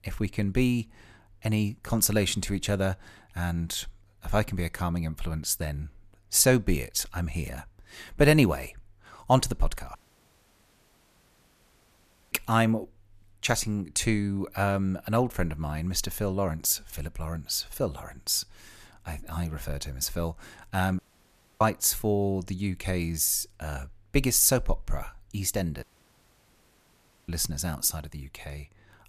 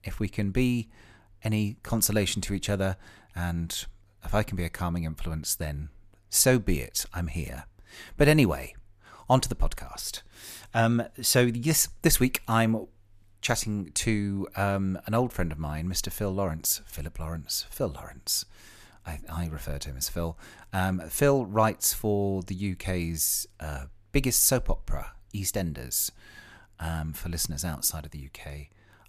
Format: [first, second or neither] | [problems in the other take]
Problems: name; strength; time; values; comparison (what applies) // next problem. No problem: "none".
second | audio cutting out; at 10 s for 2.5 s, at 21 s for 0.5 s and at 26 s for 1.5 s